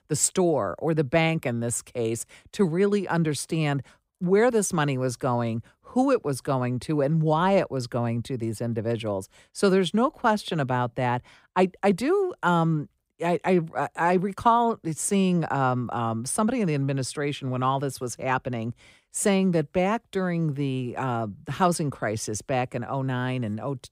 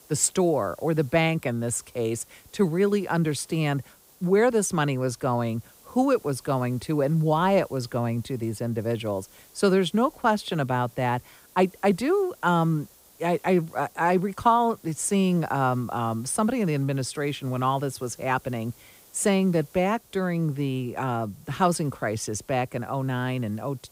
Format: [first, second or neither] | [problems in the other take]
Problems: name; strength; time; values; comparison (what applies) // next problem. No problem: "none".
first | hiss; faint; throughout; 25 dB below the speech